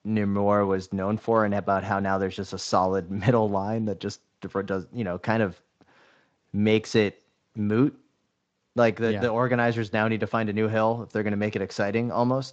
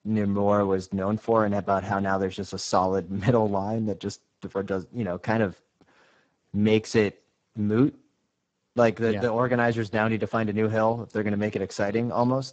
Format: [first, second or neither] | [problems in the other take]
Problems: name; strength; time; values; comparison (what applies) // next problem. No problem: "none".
first | garbled, watery; badly; nothing above 7.5 kHz; slightly in the first